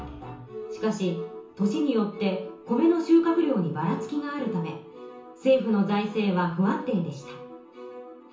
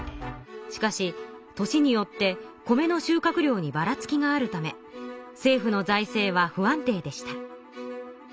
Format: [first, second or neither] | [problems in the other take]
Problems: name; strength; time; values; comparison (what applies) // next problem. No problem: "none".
second | room echo; dies away in 0.7 s